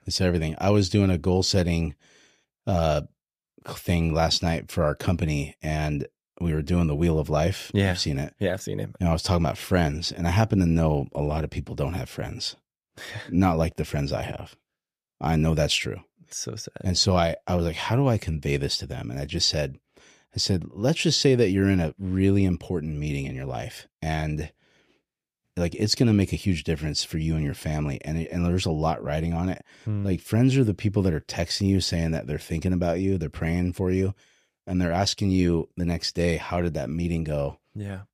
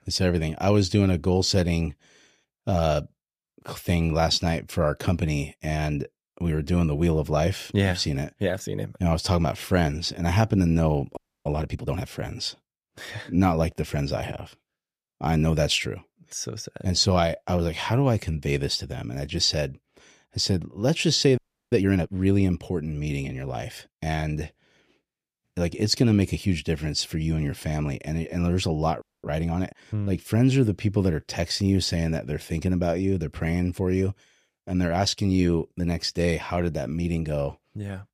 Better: first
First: none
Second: audio freezing; at 11 s, at 21 s and at 29 s

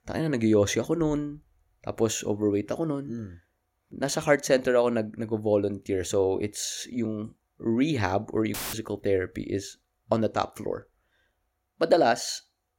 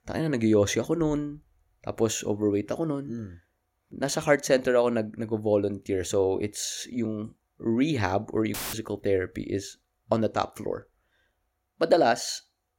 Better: neither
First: audio cutting out; filled with static; at 8.5 s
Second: audio cutting out; filled with static; at 8.5 s

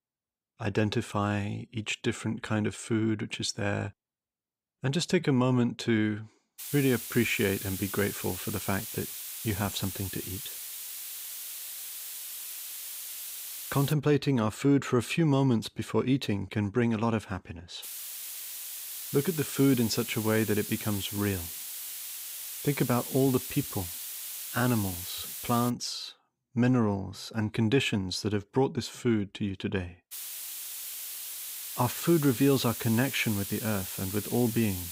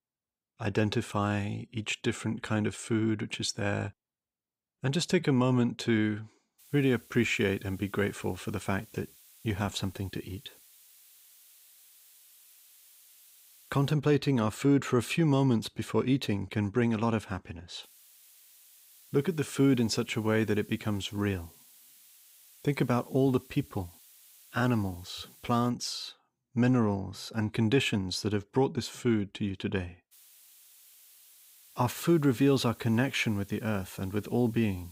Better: second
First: hiss; loud; from 6.5 to 14 s, from 18 to 26 s and from 30 s on; 7 dB below the speech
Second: hiss; faint; from 6.5 to 14 s, from 18 to 26 s and from 30 s on; 25 dB below the speech

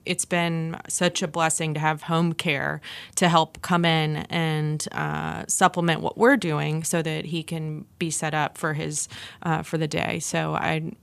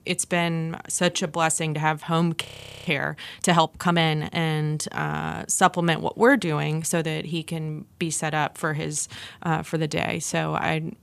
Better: first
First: none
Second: audio freezing; at 2.5 s

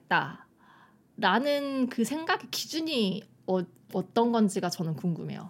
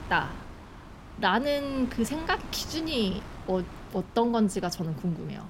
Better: first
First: none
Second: wind noise on the microphone; occasional gusts; 15 dB below the speech

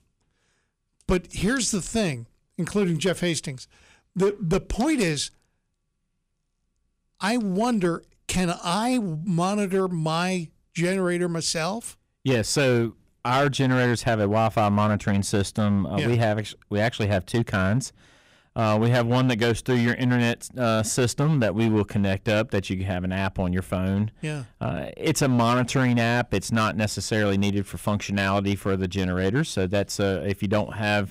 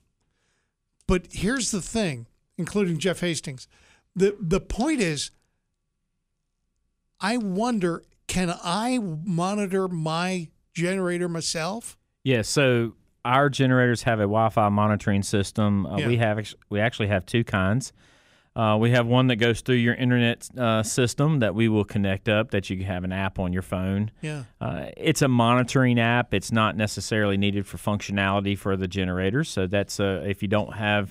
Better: second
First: distortion; slight; 6% of the sound clipped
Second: none

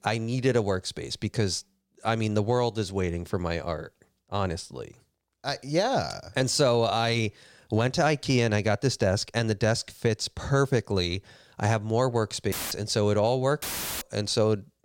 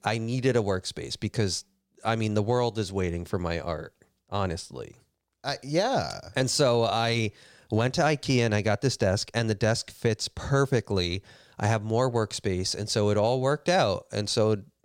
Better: second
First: audio cutting out; filled with static; at 13 s and at 14 s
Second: none

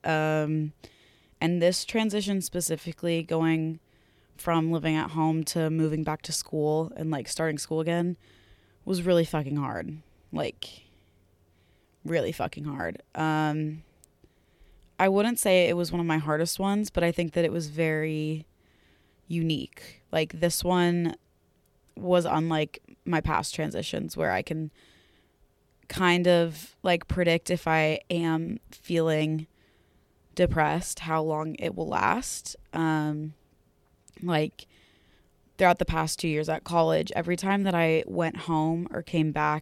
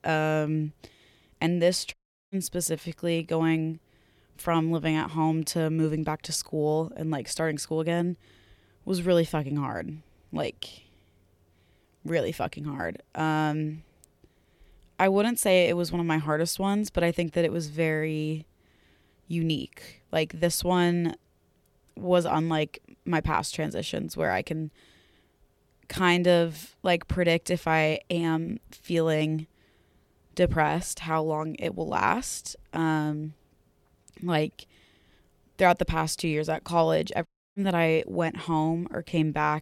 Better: first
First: none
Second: audio cutting out; at 2 s and at 37 s

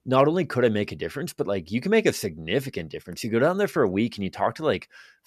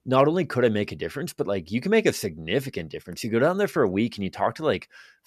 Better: neither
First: none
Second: none

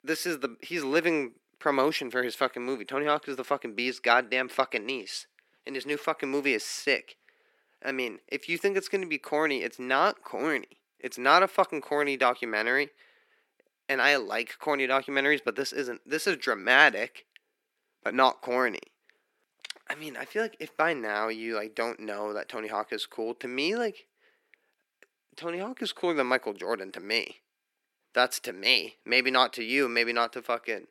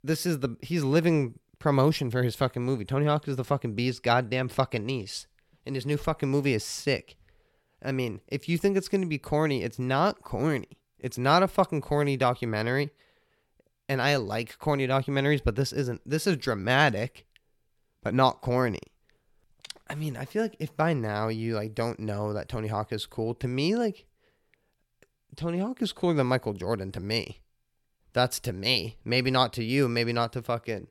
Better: second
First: thin; somewhat; fading below 250 Hz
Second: none

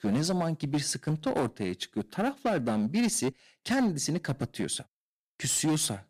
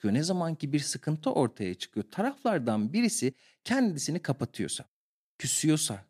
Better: second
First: distortion; slight; 9% of the sound clipped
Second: none

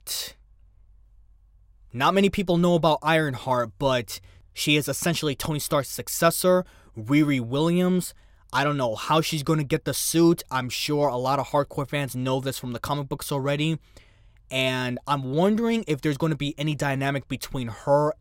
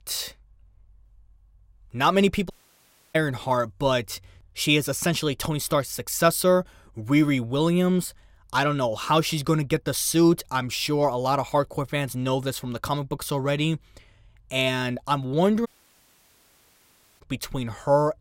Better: first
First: none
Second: audio cutting out; at 2.5 s for 0.5 s and at 16 s for 1.5 s

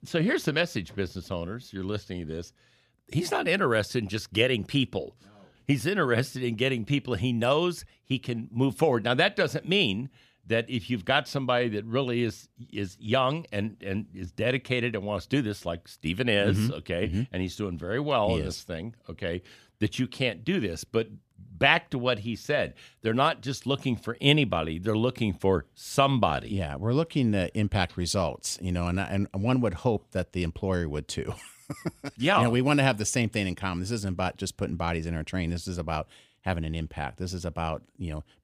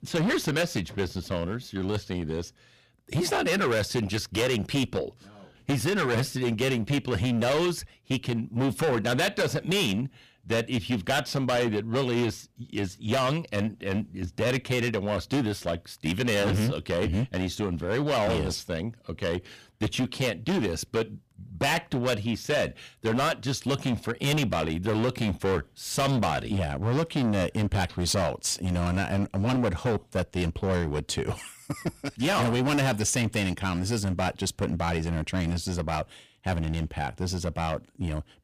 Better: first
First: none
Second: distortion; heavy; 15% of the sound clipped

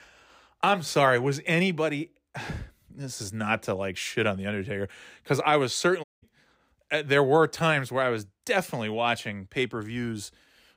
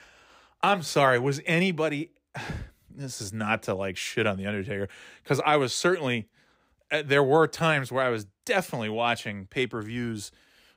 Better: second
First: audio cutting out; at 6 s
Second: none

